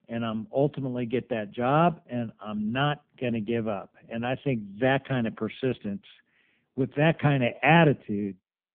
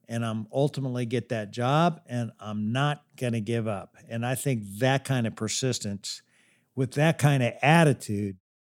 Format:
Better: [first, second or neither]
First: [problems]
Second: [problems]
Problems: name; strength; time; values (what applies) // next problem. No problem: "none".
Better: second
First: phone-call audio; poor line; nothing above 3 kHz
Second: none